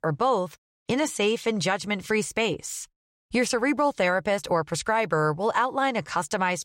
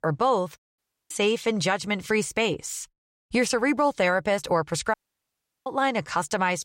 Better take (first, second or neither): first